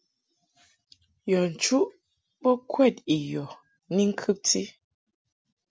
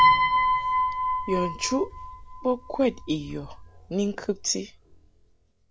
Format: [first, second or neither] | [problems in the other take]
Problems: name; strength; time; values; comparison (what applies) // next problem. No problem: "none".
first | background sound (Piano); 3 dB above the speech